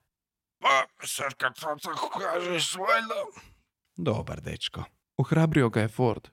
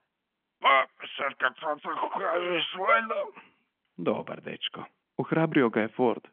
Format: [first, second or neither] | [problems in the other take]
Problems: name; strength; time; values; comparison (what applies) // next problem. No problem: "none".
first | phone-call audio; nothing above 3.5 kHz